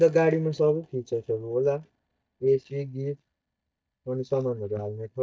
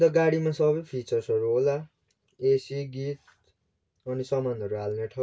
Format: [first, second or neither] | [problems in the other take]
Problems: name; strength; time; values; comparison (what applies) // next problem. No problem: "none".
second | noise reduction (neural mask model DeepFilterNet 3)